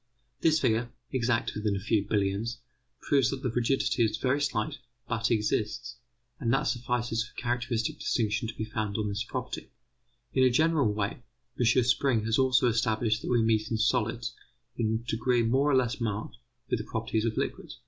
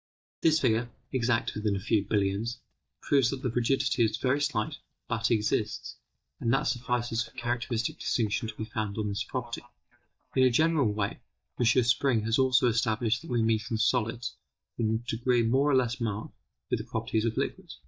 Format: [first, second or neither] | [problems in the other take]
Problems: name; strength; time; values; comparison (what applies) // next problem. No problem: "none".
first | noise reduction (neural mask model DeepFilterNet 3)